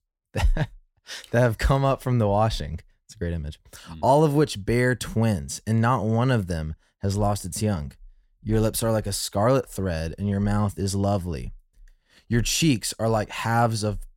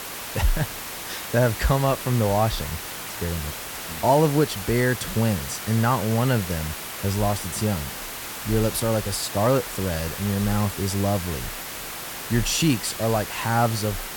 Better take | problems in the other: first | hiss; loud; throughout; 7 dB below the speech

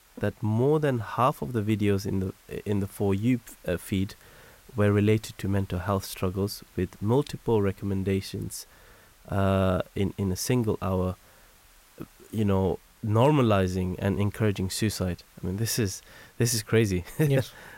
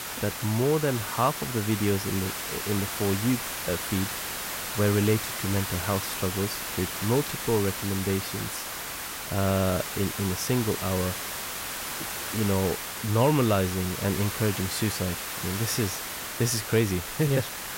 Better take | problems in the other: first | hiss; loud; throughout; 4 dB below the speech; faint in the first

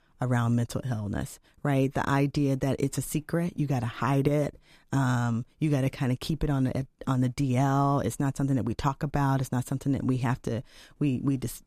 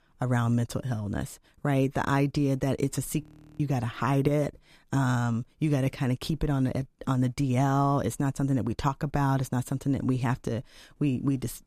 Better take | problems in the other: first | audio freezing; at 3 s

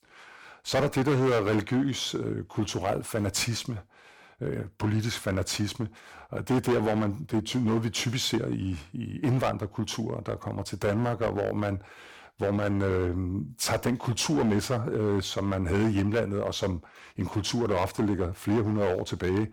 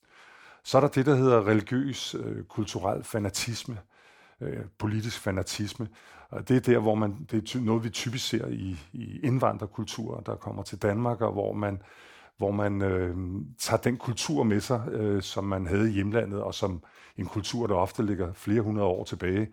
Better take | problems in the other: second | distortion; heavy; 8% of the sound clipped

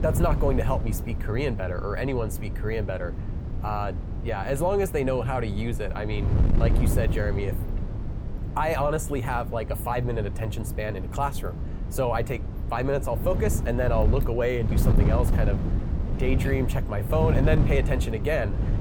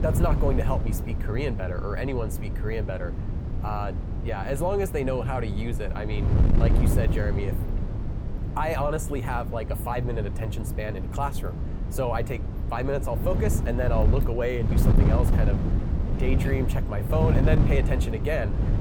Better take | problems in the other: first | wind noise on the microphone; heavy; 7 dB below the speech; occasional gusts in the first

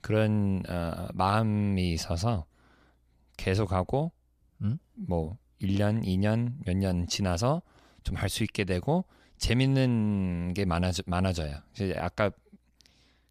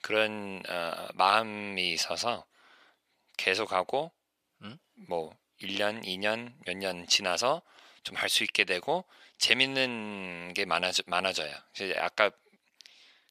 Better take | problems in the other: first | thin; very; fading below 500 Hz

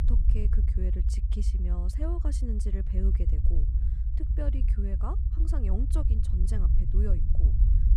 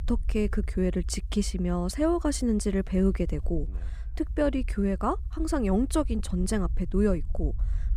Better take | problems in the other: second | low rumble; loud; throughout; 3 dB below the speech; faint in the second

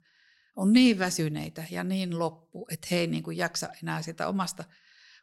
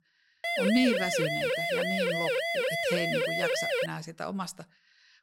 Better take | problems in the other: first | siren; loud; until 4 s; peak 5 dB above the speech

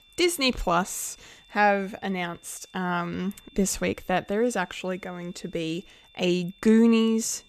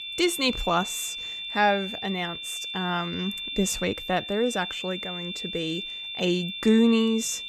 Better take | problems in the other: first | high-pitched whine; loud; throughout; 3.5 kHz, 6 dB below the speech; faint in the first

